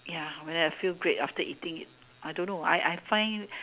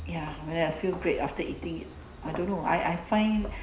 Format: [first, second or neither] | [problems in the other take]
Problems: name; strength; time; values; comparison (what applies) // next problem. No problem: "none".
first | background sound (Walk, footsteps); 12 dB below the speech // room echo; dies away in 0.5 s